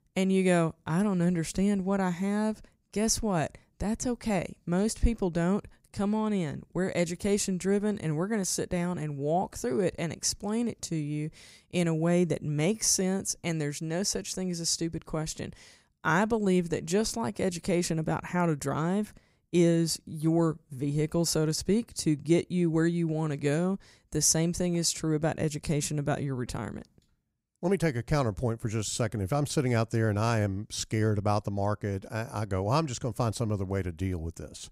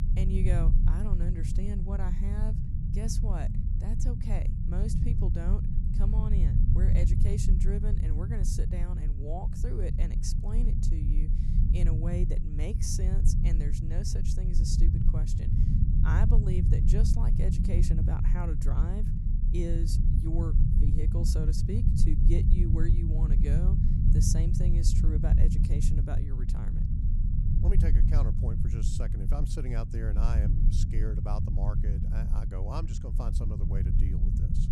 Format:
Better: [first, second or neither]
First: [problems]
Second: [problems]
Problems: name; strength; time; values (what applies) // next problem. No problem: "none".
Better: first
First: none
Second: low rumble; loud; throughout; 1 dB below the speech